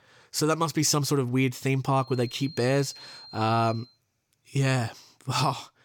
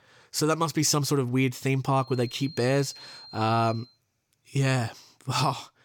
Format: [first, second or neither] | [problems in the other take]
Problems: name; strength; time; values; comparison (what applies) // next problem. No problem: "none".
neither | high-pitched whine; noticeable; from 2 to 4 s; 4 kHz, 20 dB below the speech; the same in both